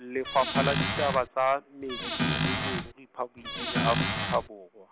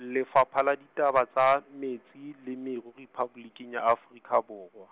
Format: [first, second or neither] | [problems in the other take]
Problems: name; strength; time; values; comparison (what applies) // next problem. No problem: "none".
second | background sound (Squeak / Cupboard open or close); 1 dB above the speech